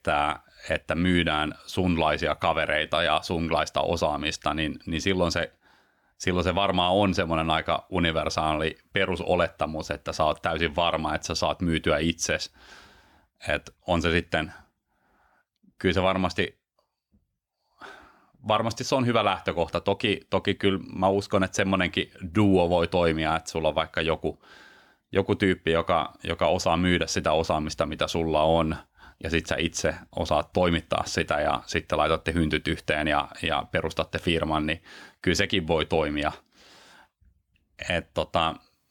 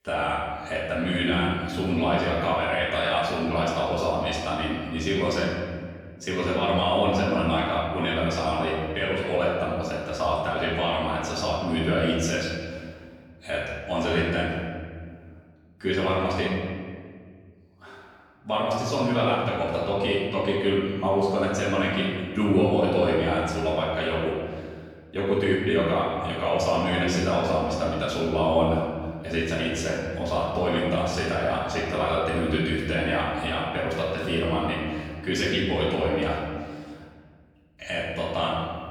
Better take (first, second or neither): first